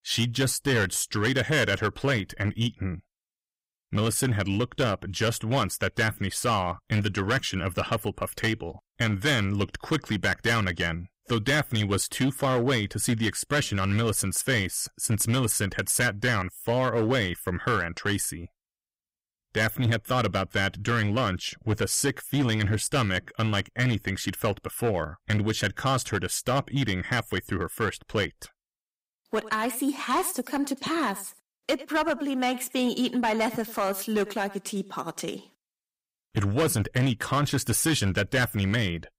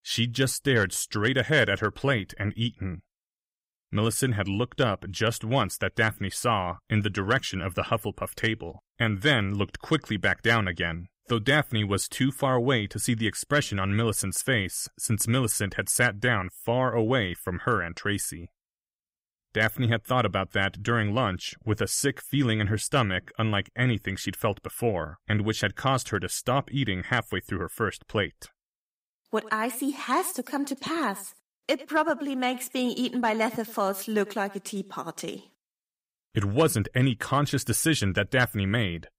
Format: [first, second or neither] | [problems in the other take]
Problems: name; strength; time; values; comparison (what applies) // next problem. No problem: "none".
second | distortion; slight; 7% of the sound clipped